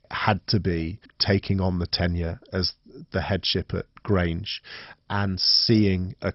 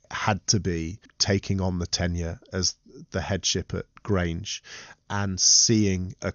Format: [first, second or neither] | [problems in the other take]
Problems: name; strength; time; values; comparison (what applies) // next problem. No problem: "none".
second | garbled, watery; badly; nothing above 5.5 kHz; slightly in the second